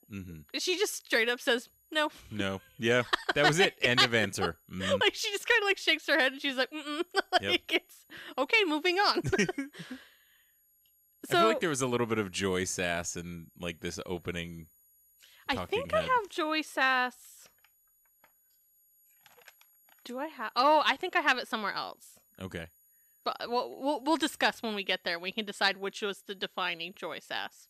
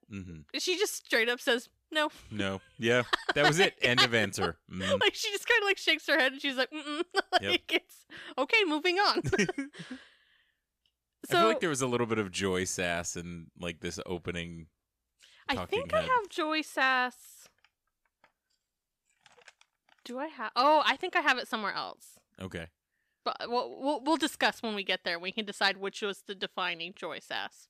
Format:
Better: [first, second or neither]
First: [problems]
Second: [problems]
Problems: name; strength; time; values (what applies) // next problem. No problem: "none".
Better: second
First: high-pitched whine; faint; throughout; 11.5 kHz, 35 dB below the speech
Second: none